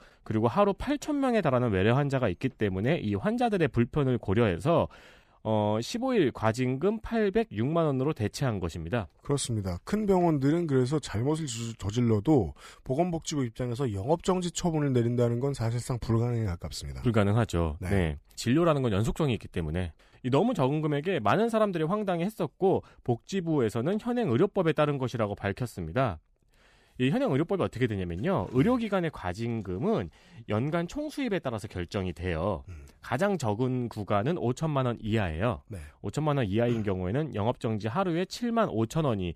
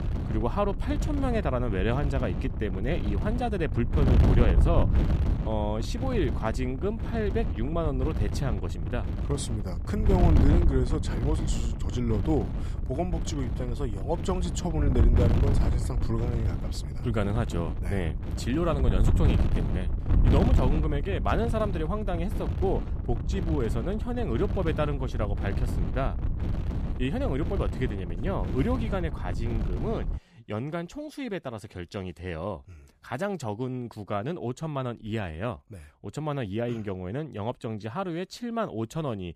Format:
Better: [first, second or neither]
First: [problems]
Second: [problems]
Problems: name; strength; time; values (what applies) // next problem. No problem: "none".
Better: first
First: none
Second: wind noise on the microphone; heavy; until 30 s; 7 dB below the speech